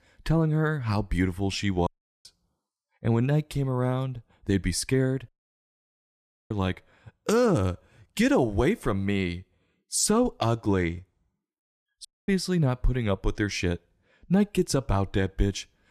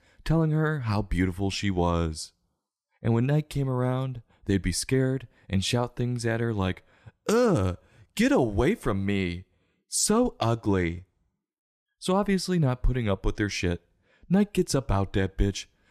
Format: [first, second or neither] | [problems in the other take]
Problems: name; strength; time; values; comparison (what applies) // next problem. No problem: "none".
second | audio cutting out; at 2 s, at 5.5 s for 1 s and at 12 s